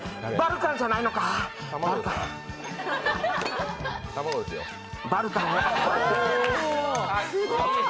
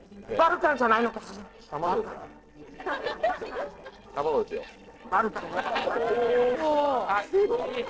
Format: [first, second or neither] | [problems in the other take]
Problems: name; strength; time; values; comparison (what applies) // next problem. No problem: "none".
first | noise reduction (neural separator model SepFormer DNS4)